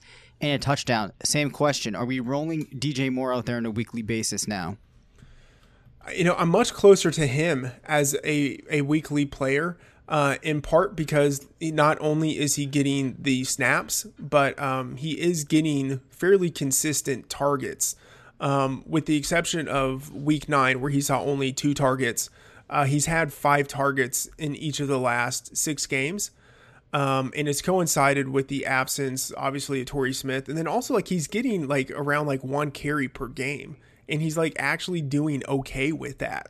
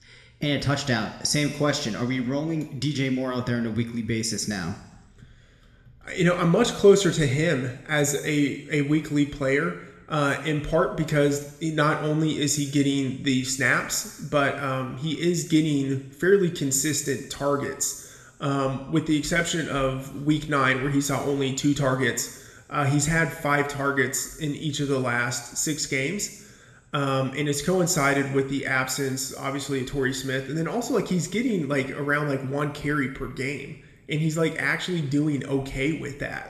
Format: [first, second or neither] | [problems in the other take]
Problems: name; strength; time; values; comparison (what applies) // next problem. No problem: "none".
first | room echo; slight; dies away in 0.9 s